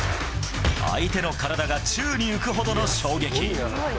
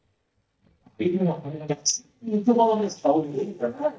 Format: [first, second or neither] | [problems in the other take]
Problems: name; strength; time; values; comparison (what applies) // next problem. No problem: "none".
first | noise reduction (neural mask model DeepFilterNet 3)